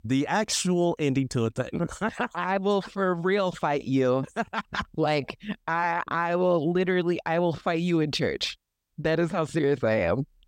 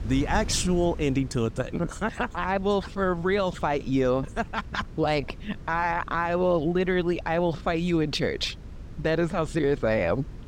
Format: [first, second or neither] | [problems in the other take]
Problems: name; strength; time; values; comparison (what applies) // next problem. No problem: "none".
first | wind noise on the microphone; occasional gusts; 25 dB below the speech